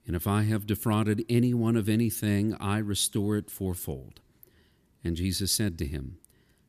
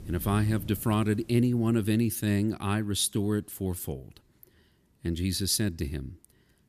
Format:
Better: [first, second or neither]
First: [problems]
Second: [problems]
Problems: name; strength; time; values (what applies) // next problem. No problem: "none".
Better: first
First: none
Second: rain or running water; noticeable; until 1.5 s; 15 dB below the speech